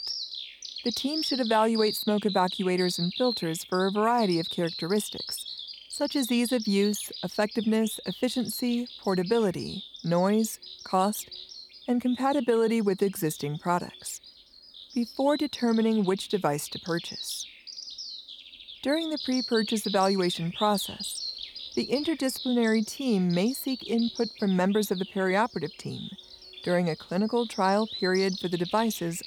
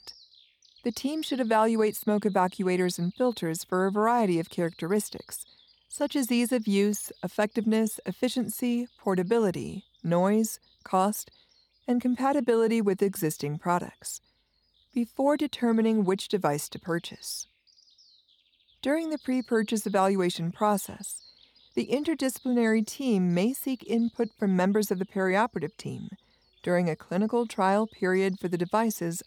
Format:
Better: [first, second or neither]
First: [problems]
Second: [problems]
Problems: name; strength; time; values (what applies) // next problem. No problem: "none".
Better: second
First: animal sounds; loud; throughout; 9 dB below the speech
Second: animal sounds; faint; throughout; 30 dB below the speech